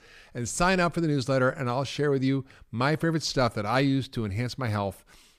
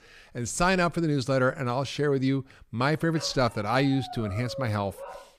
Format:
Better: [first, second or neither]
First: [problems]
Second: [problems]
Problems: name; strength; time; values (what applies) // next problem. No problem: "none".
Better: first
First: none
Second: dog barking; faint; from 3 s on; peak 10 dB below the speech